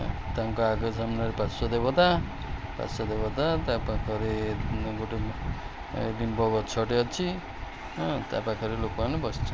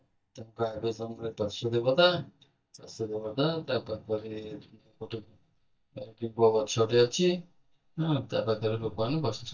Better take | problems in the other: first | noise reduction (neural mask model DeepFilterNet 3)

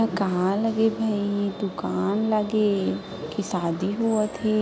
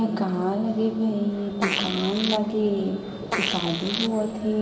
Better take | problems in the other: first | background sound (Fart); 6 dB below the speech // room echo; dies away in 1.7 s

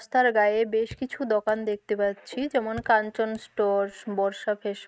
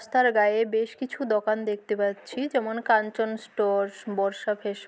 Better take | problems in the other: second | noise reduction (neural mask model RNNoise)

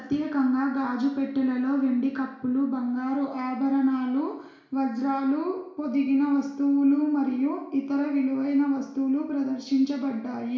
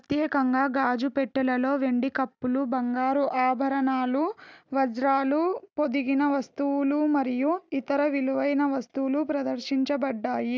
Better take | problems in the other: second | room echo; dies away in 0.7 s

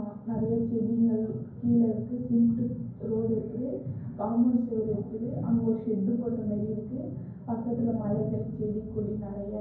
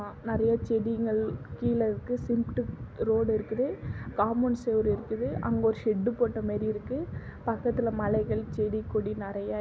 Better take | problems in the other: second | room echo; dies away in 0.9 s

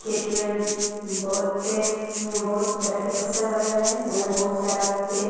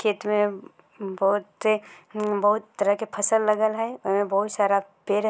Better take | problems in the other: second | background sound (Rattle (instrument)); 6 dB below the speech // room echo; dies away in 2 s

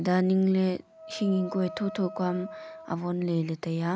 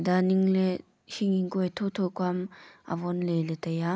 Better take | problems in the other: second | background sound (Wind instrument, woodwind instrument); 16 dB below the speech

